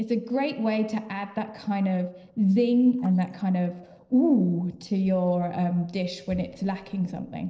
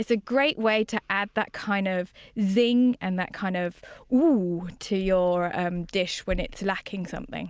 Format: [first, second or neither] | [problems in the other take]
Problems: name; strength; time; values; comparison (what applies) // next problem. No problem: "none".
second | noise reduction (neural separator model SepFormer DNS4)